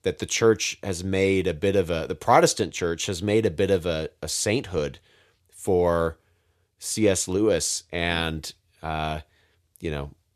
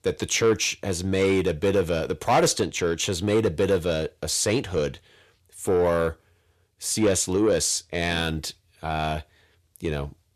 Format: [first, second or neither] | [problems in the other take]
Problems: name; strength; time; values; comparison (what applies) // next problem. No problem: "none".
first | distortion; slight; 10 dB below the speech